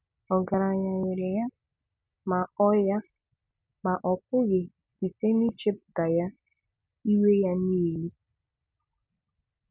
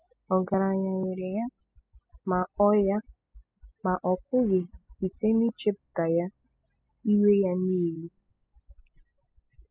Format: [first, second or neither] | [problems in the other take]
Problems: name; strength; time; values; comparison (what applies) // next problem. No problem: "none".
first | noise reduction (classical method spectral subtraction)